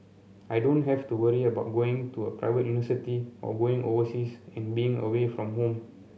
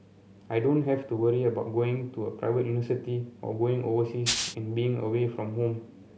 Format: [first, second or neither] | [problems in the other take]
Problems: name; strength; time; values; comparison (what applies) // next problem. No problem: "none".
first | background sound (Rattle (instrument)); 1 dB below the speech